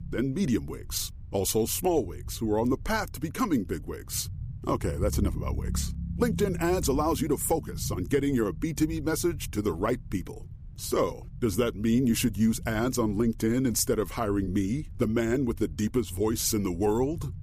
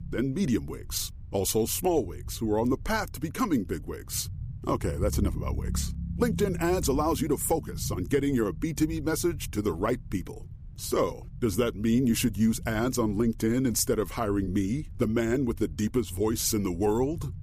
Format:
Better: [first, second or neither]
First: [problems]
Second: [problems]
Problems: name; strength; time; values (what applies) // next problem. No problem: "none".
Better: neither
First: low rumble; faint; throughout; 20 dB below the speech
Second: low rumble; faint; throughout; 20 dB below the speech